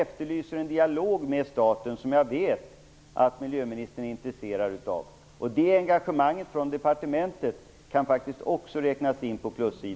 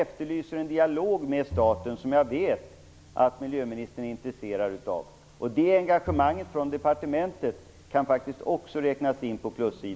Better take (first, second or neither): first